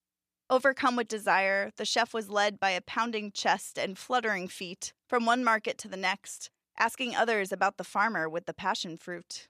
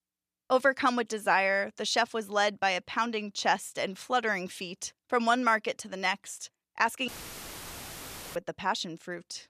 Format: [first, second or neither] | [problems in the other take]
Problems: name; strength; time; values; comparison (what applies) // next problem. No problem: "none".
first | audio cutting out; filled with static; at 7 s for 1.5 s